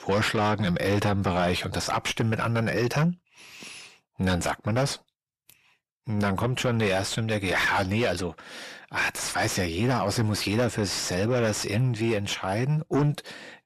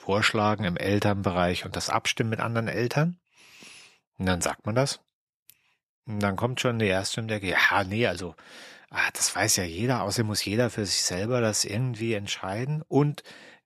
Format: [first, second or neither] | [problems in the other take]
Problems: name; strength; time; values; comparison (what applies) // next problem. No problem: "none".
second | distortion; heavy; 6 dB below the speech